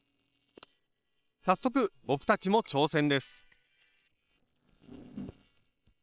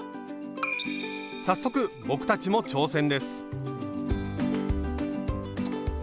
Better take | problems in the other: second | noise reduction (neural separator model SepFormer WHAM!)

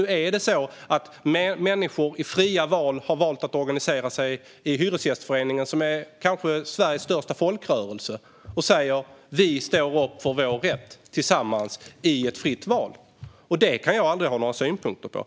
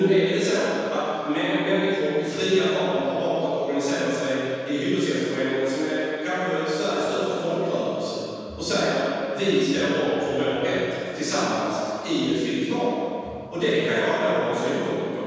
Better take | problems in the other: first | room echo; dies away in 2.1 s

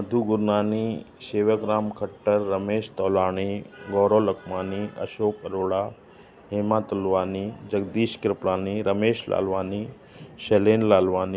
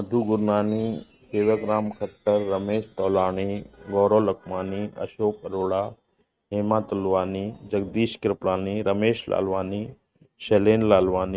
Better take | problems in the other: first | noise reduction (neural mask model RNNoise)

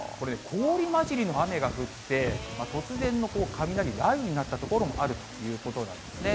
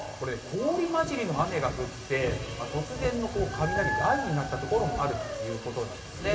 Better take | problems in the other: first | background sound (Dog); 6 dB below the speech // room echo; dies away in 2.8 s

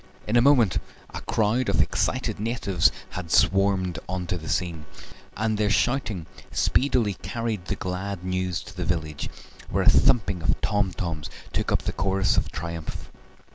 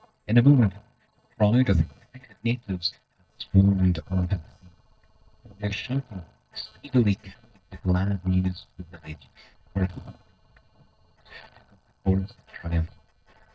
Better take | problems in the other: first | noise reduction (neural mask model DeepFilterNet 3)

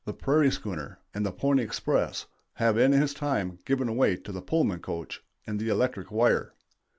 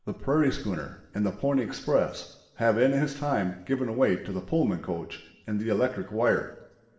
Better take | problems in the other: first | room echo; dies away in 1.1 s

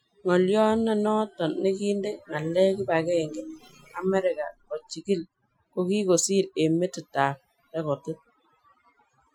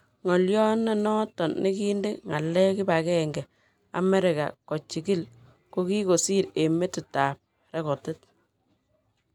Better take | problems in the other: second | noise reduction (classical method Wiener filter)

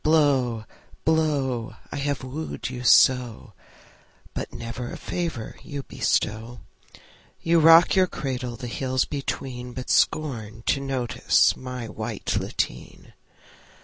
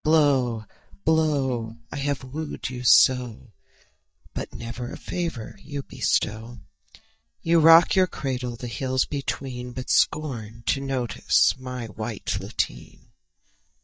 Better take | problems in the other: first | noise reduction (neural mask model DeepFilterNet 3)

